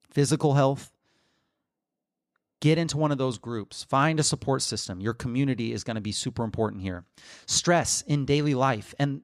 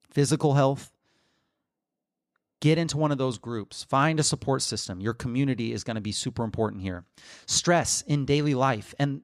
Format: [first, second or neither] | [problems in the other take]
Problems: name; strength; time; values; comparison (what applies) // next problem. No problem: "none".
neither | none